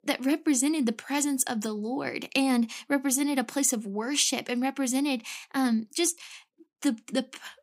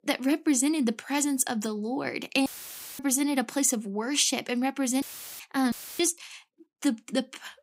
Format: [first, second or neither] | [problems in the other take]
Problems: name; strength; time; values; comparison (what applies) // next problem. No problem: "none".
first | audio cutting out; filled with static; at 2.5 s for 0.5 s, at 5 s and at 5.5 s